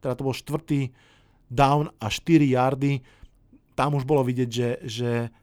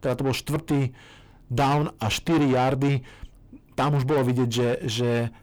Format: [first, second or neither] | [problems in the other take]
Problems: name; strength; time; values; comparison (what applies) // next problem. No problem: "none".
first | distortion; heavy; 5 dB below the speech